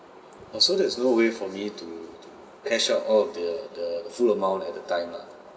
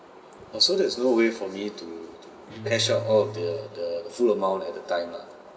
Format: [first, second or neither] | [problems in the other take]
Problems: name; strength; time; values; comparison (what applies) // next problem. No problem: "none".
first | background sound (Guitar); 14 dB below the speech